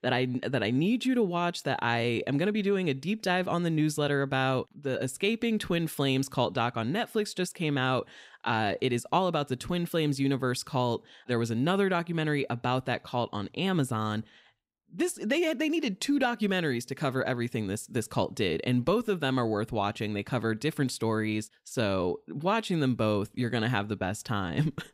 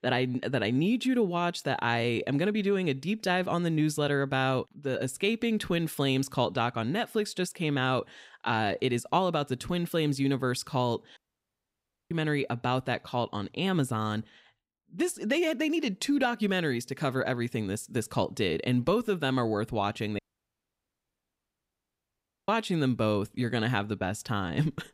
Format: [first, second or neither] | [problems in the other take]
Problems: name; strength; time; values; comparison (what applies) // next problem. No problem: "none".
first | audio cutting out; at 11 s for 1 s and at 20 s for 2.5 s